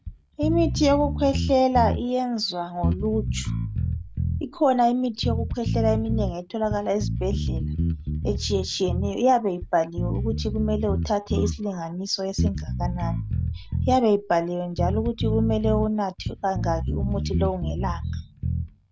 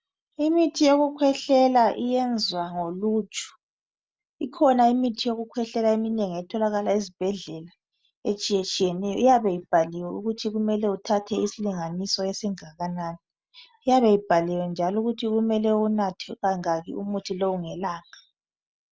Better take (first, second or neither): second